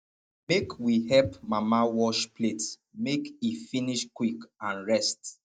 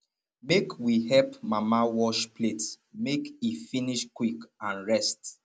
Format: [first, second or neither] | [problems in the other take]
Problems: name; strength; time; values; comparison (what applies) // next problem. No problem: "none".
second | noise reduction (neural mask model DeepFilterNet 3)